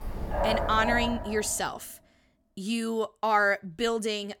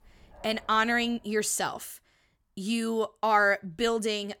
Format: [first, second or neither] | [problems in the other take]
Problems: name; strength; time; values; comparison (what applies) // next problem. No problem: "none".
second | animal sounds; loud; at the start; 3 dB below the speech; faint in the second